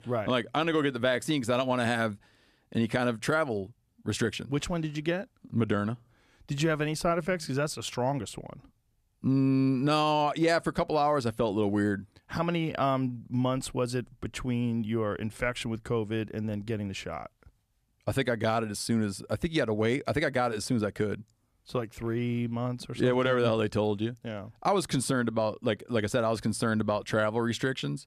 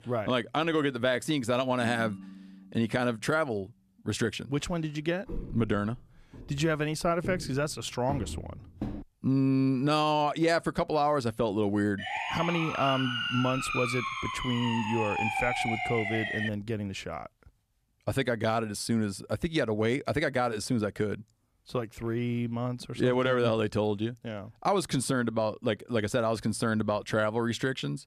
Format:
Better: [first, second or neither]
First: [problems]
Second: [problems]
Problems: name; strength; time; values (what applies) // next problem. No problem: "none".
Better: first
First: none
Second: phone ringing; faint; from 2 to 3 s; peak 10 dB below the speech // footsteps; noticeable; from 5.5 to 9 s; peak 9 dB below the speech // siren; loud; from 12 to 16 s; peak level with the speech